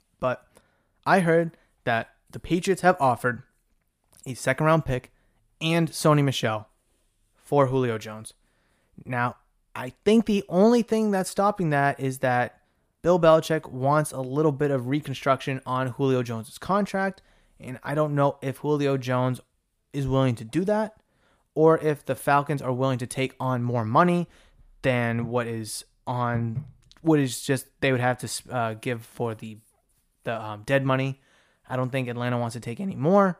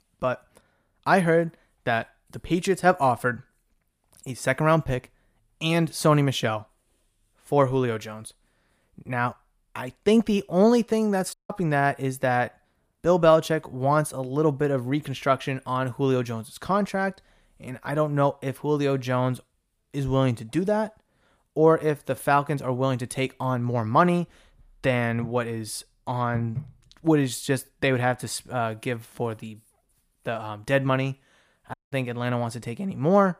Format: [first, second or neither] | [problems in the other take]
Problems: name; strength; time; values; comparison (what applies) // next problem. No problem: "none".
first | audio cutting out; at 11 s and at 32 s